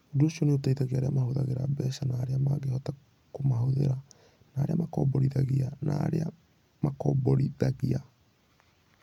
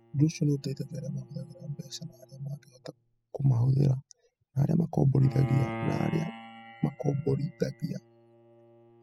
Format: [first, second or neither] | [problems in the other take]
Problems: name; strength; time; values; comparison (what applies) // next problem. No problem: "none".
first | noise reduction (classical method spectral subtraction)